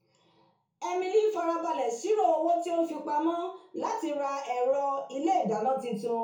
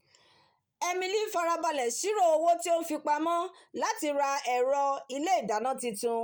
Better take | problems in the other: second | room echo; dies away in 0.6 s

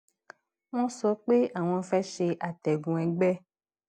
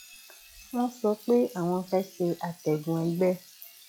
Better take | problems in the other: first | noise reduction (classical method log-MMSE)

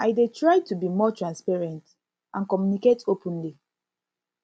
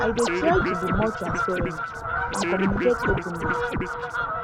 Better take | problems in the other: first | background sound (Scratching (performance technique) + Fowl); 1 dB above the speech

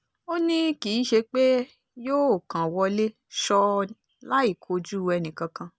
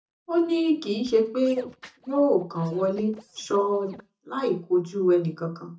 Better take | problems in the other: first | noise reduction (neural mask model DeepFilterNet 3)

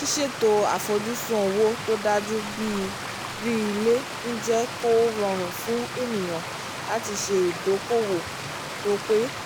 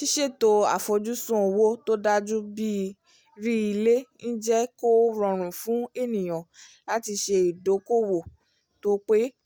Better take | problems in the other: second | background sound (Stream); 8 dB below the speech

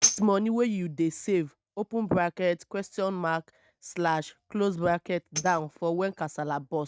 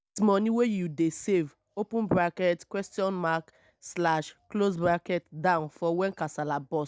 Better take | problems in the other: second | noise reduction (neural mask model RNNoise)

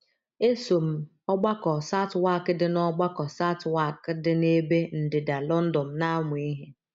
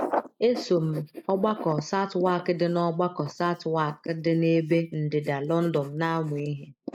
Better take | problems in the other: first | noise reduction (neural mask model Resemble Enhance denoiser)

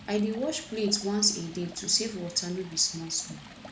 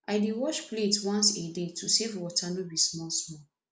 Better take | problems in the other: second | background sound (Stream); 17 dB below the speech

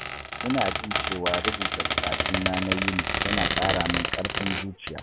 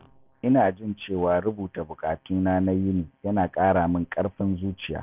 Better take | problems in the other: second | background sound (Squeak); 3 dB above the speech

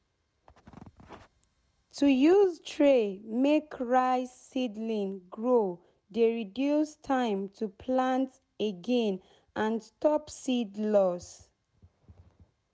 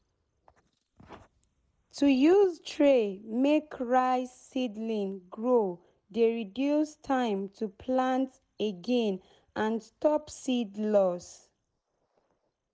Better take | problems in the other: first | noise reduction (neural mask model Resemble Enhance denoiser)

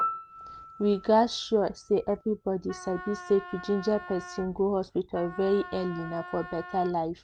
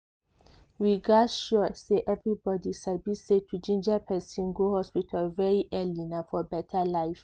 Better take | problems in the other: second | background sound (Piano + Wind instrument, woodwind instrument); 13 dB below the speech

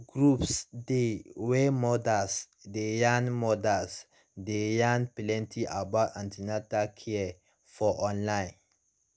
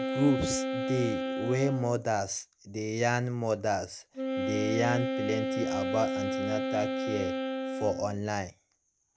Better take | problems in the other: first | background sound (Wind instrument, woodwind instrument); 2 dB below the speech

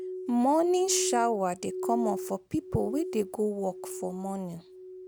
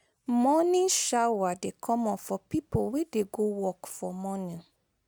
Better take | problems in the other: second | background sound (Glass); 8 dB below the speech

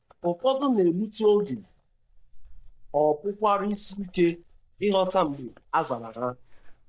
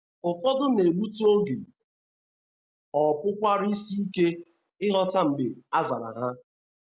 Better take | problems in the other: second | noise reduction (neural mask model DeepFilterNet 3)

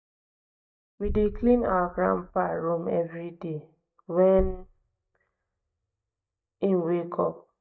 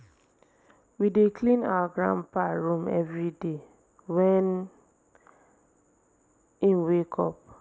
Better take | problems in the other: second | noise reduction (neural mask model DeepFilterNet 3)

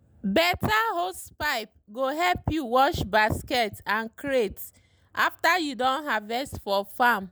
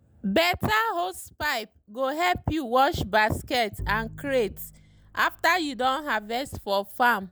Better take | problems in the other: first | background sound (Bowed string instrument); 16 dB below the speech

